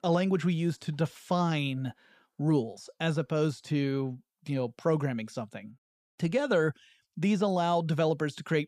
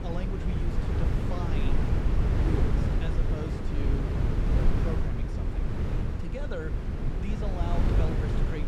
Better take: first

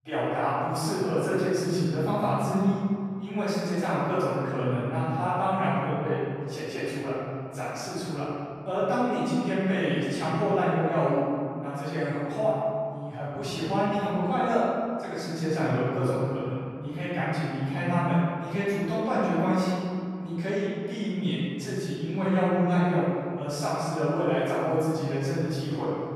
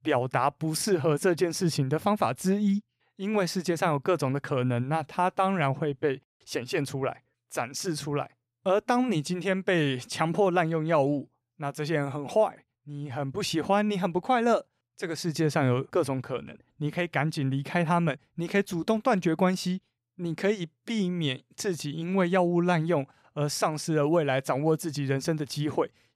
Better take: second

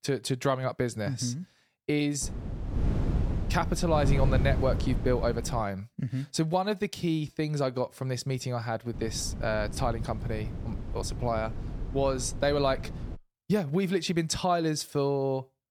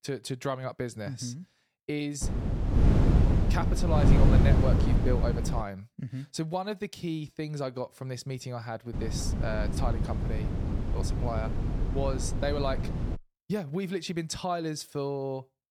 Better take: first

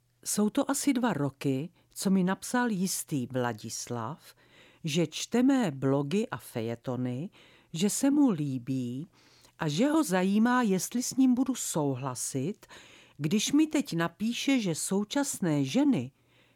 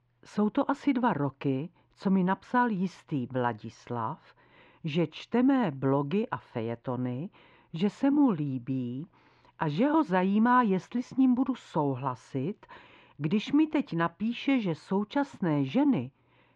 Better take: first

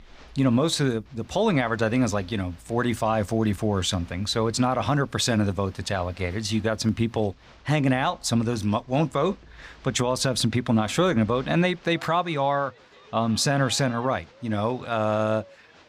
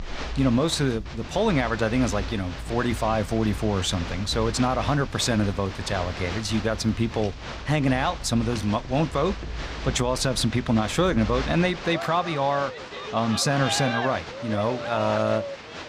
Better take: first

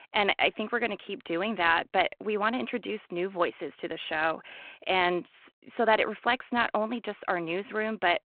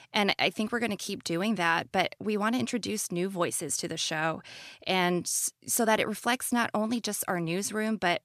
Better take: second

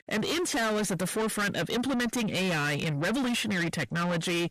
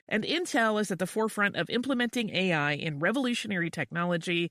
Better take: second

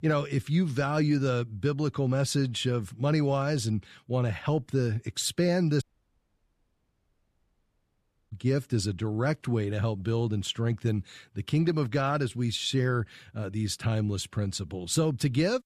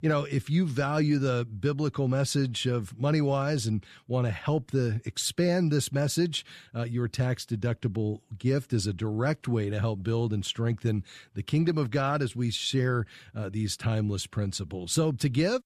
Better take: second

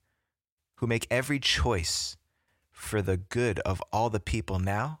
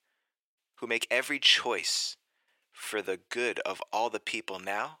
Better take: first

